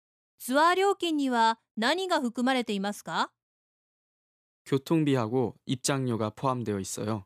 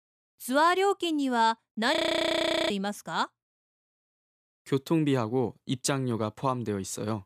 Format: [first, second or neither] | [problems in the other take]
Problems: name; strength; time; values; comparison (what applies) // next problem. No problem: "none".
first | audio freezing; at 2 s for 1 s